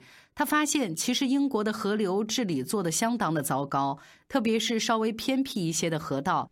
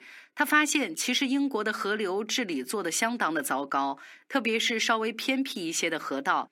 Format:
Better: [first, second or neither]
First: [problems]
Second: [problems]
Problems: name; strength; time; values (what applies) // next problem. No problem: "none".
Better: first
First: none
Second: thin; very slightly; fading below 250 Hz